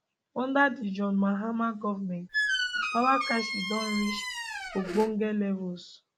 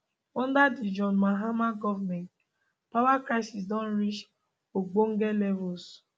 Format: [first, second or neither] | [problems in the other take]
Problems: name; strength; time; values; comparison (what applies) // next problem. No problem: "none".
second | background sound (Squeak); 3 dB below the speech